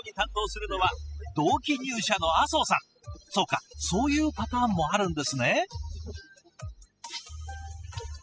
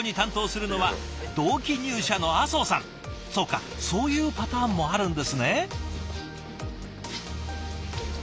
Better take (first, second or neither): second